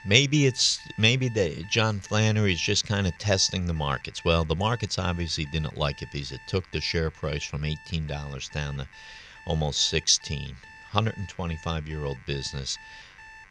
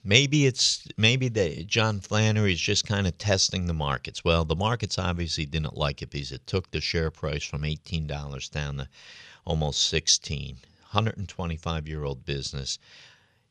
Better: second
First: alarms or sirens; faint; throughout; 20 dB below the speech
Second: none

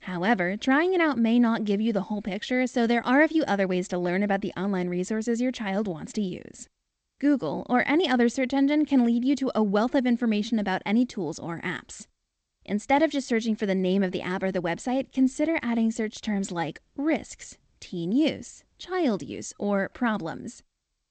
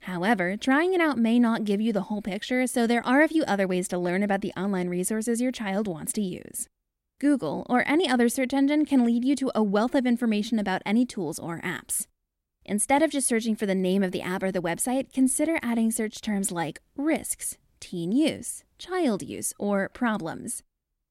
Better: second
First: garbled, watery; slightly; nothing above 8 kHz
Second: none

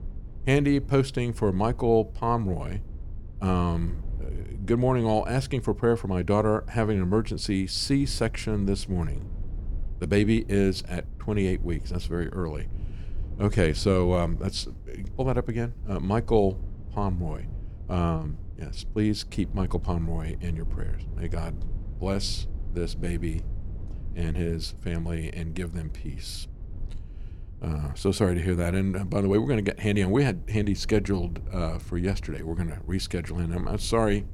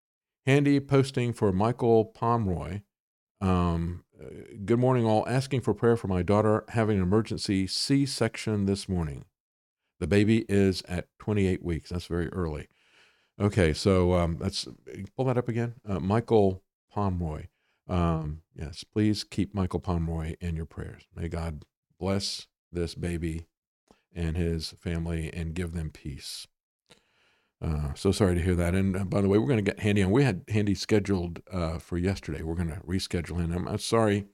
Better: second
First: low rumble; faint; throughout; 25 dB below the speech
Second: none

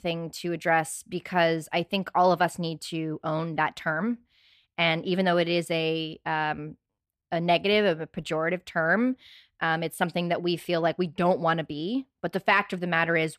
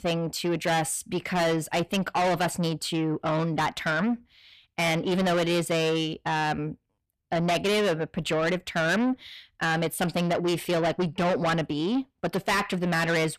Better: first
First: none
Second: distortion; heavy; 6 dB below the speech

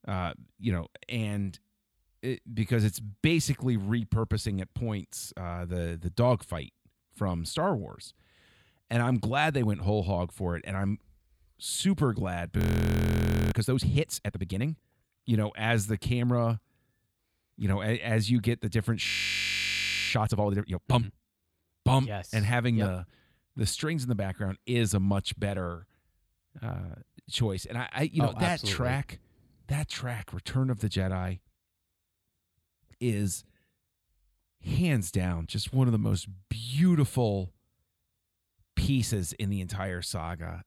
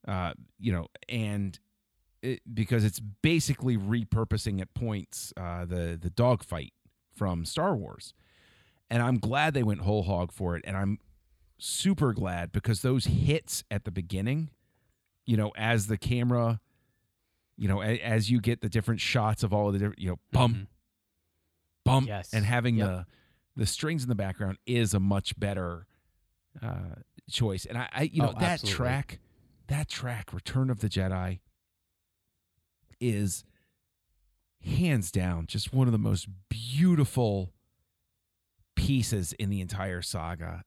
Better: second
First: audio freezing; at 13 s for 1 s and at 19 s for 1 s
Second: none

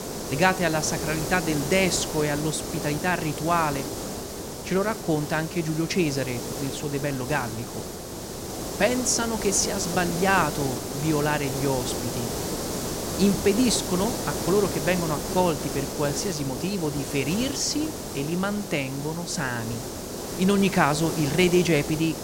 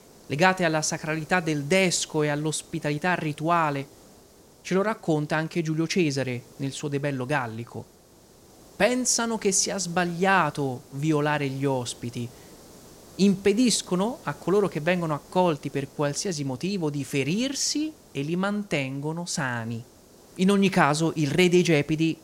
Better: second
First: hiss; loud; throughout; 6 dB below the speech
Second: hiss; faint; throughout; 25 dB below the speech

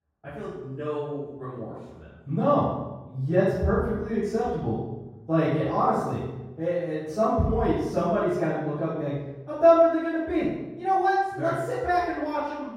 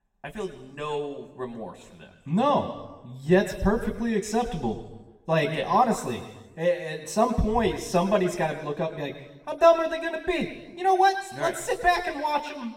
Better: second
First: room echo; strong; dies away in 1.3 s // off-mic speech; far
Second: room echo; slight; dies away in 1.2 s // off-mic speech; somewhat distant

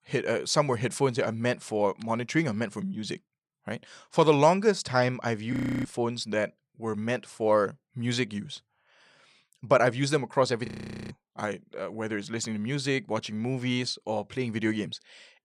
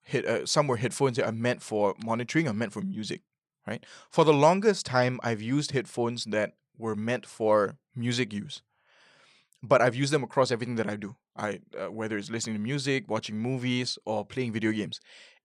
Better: second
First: audio freezing; at 5.5 s and at 11 s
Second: none

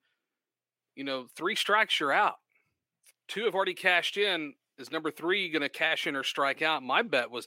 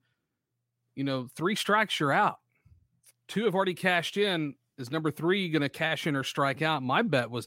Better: second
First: thin; somewhat; fading below 400 Hz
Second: none

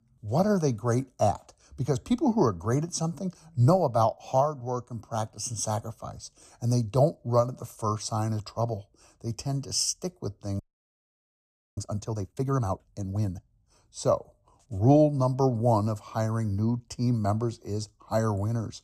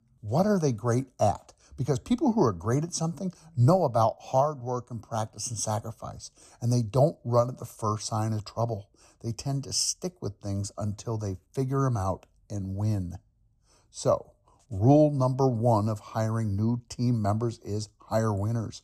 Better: second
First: audio freezing; at 11 s for 1 s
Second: none

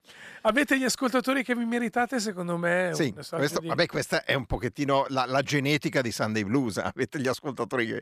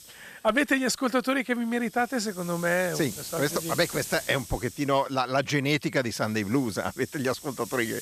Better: first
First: none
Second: hiss; noticeable; throughout; 10 dB below the speech

